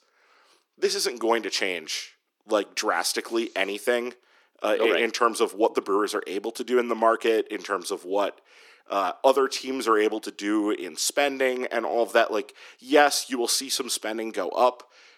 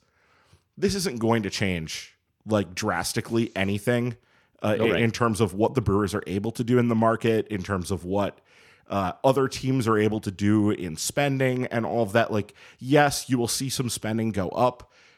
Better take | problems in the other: second | thin; somewhat; fading below 300 Hz

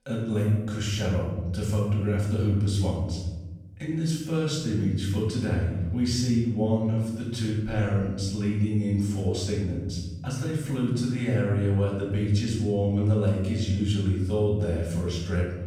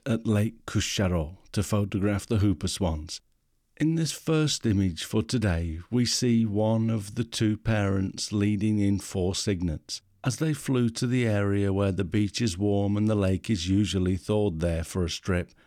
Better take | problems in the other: second | room echo; noticeable; dies away in 1.5 s // off-mic speech; far

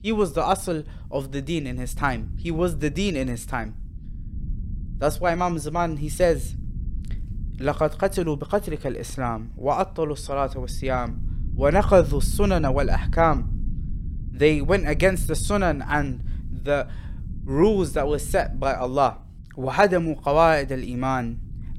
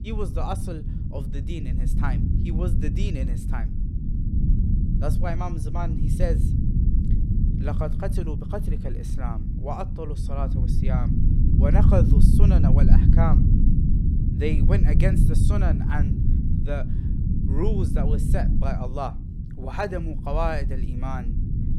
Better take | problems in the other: first | low rumble; loud; throughout; 3 dB below the speech; faint in the first

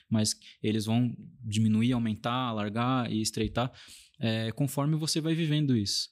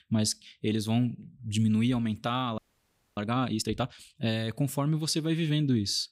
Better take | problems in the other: first | audio freezing; at 2.5 s for 0.5 s

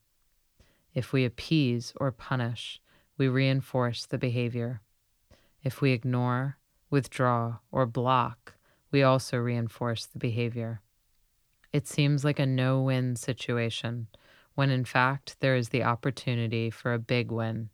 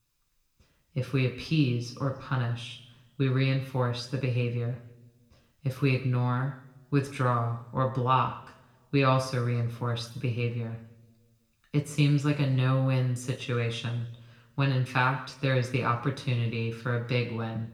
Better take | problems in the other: first | room echo; slight; dies away in 0.7 s // off-mic speech; somewhat distant

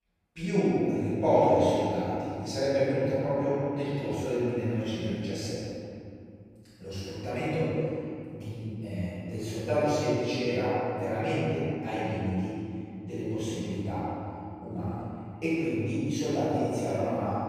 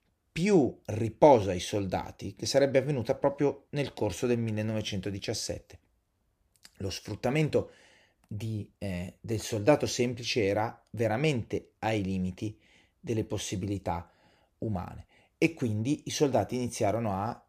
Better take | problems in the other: second | room echo; strong; dies away in 2.5 s // off-mic speech; far

